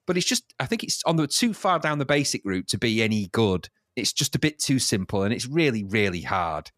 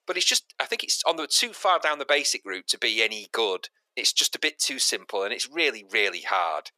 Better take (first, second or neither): first